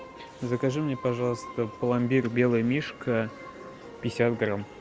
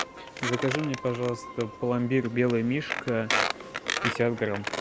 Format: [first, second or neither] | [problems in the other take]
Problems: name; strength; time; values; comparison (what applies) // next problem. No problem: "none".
first | background sound (Squeak); 5 dB below the speech